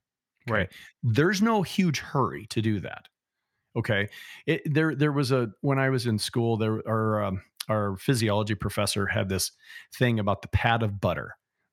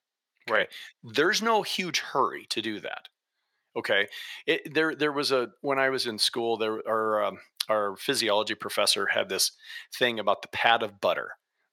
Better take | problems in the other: first | thin; very; fading below 500 Hz

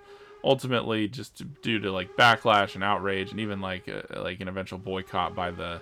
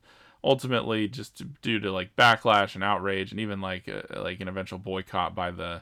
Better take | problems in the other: second | hiss; faint; throughout; 20 dB below the speech

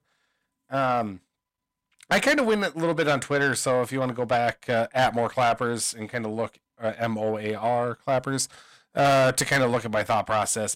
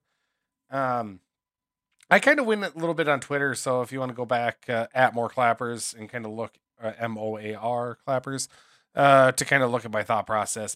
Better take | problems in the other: second | distortion; heavy; 7 dB below the speech

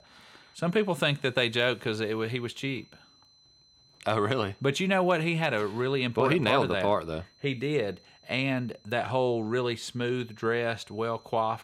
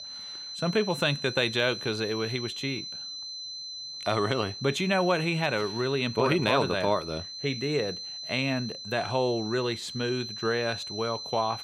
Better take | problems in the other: first | high-pitched whine; loud; throughout; 4 kHz, 8 dB below the speech; faint in the first

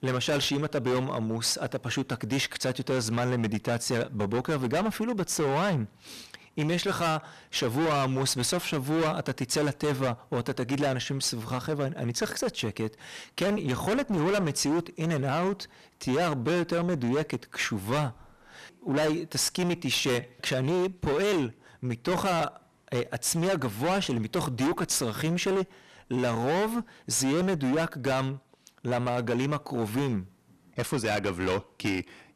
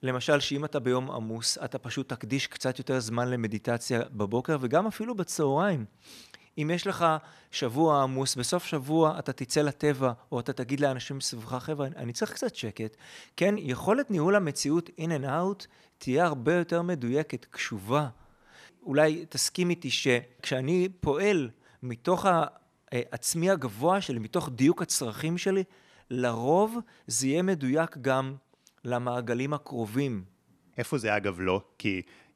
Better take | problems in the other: second | distortion; heavy; 20% of the sound clipped

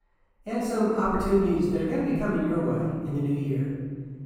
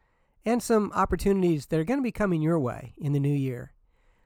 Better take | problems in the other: second | room echo; strong; dies away in 1.9 s // off-mic speech; far

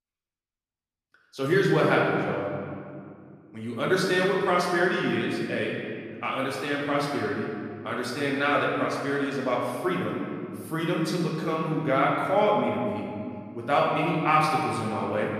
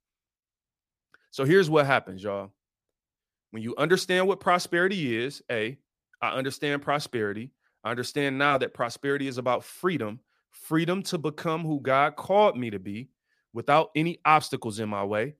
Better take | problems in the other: second | off-mic speech; far // room echo; noticeable; dies away in 2.1 s

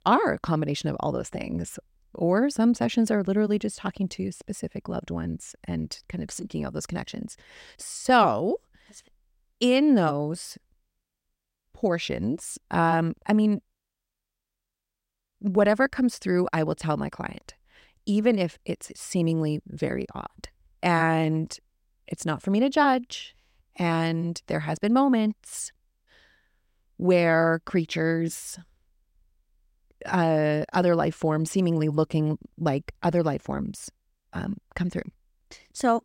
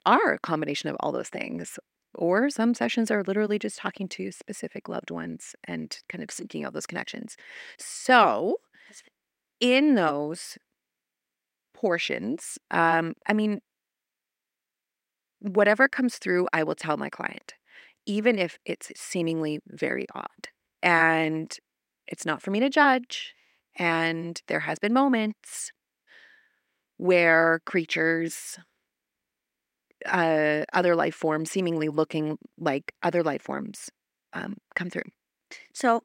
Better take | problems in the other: first | thin; very slightly; fading below 300 Hz

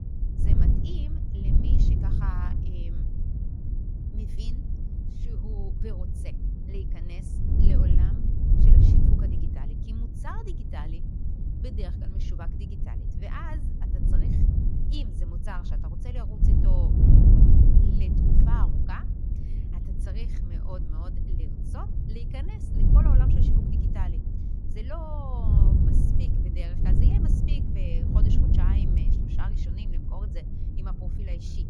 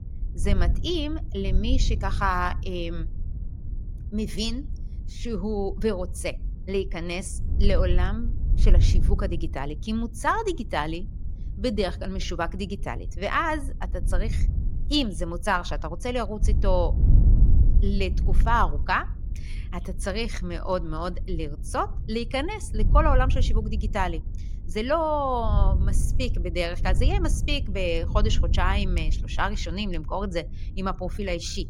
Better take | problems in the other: second | wind noise on the microphone; heavy; 3 dB above the speech; occasional gusts in the second

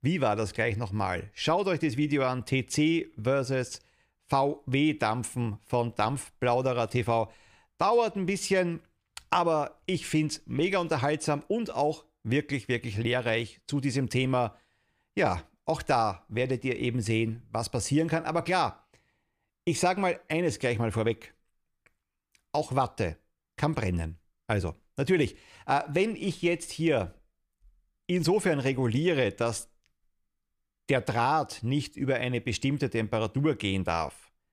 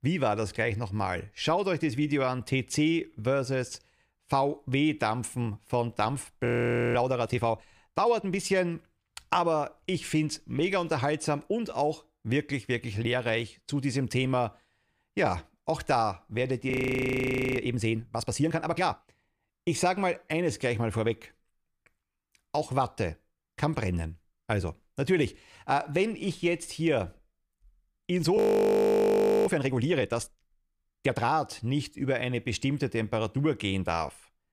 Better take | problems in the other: first | audio freezing; at 6.5 s, at 17 s for 1 s and at 28 s for 1 s

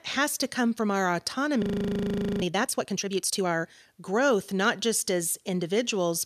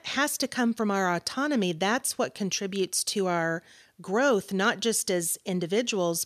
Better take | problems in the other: second | audio freezing; at 1.5 s for 1 s

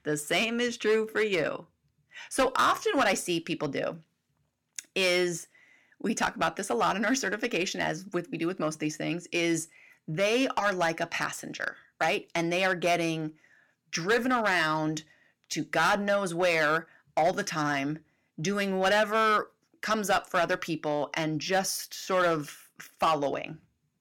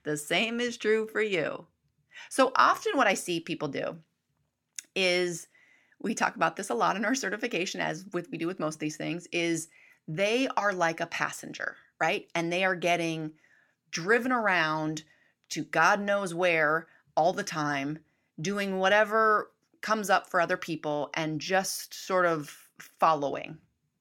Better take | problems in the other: second | distortion; slight; 4% of the sound clipped

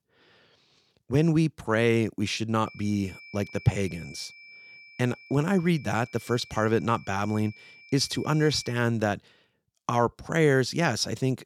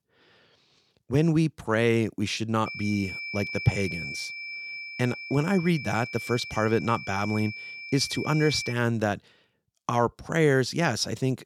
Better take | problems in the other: first | high-pitched whine; loud; from 2.5 to 8.5 s; 2.5 kHz, 9 dB below the speech; faint in the first

